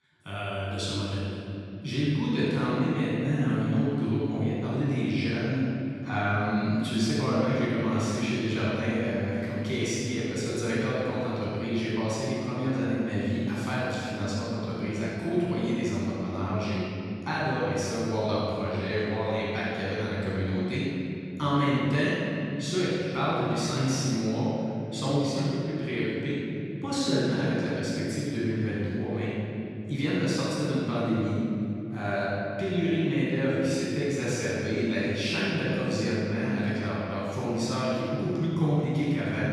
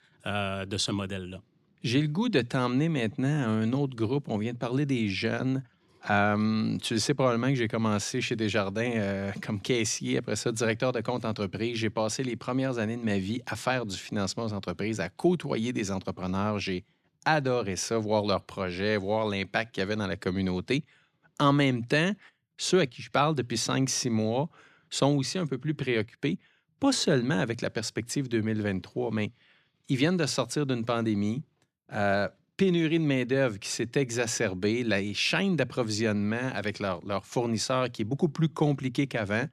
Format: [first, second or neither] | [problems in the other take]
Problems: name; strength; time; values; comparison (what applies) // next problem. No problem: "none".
second | off-mic speech; far // room echo; strong; dies away in 3 s